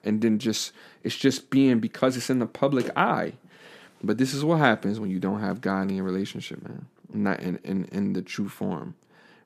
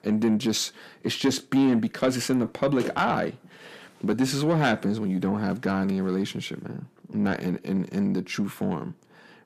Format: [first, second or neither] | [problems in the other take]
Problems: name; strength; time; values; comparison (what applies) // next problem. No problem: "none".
first | distortion; slight; 10 dB below the speech